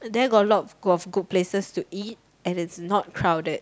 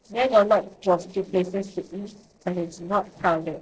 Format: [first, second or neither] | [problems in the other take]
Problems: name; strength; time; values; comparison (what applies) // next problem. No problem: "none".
first | noise reduction (neural separator model SepFormer DNS4)